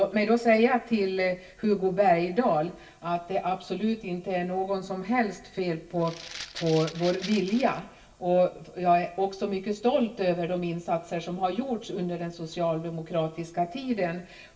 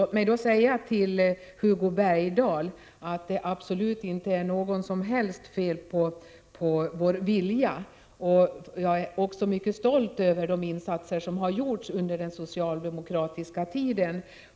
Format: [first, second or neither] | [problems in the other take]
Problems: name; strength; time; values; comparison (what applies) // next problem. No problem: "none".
second | background sound (Rattle (instrument)); 14 dB below the speech // room echo; dies away in 0.2 s